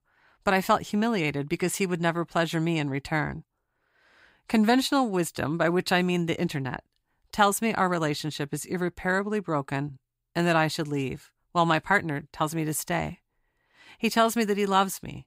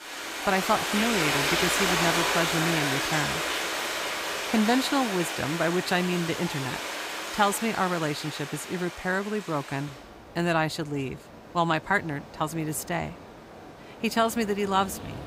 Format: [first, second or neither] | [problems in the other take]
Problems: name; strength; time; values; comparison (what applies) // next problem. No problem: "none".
first | rain or running water; loud; throughout; as loud as the speech